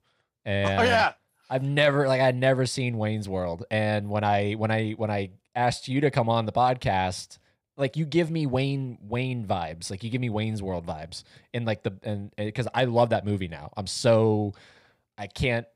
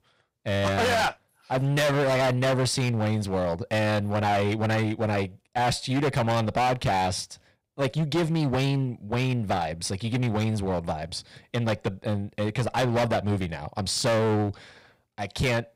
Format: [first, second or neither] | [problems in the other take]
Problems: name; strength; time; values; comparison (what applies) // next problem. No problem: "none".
first | distortion; heavy; 20% of the sound clipped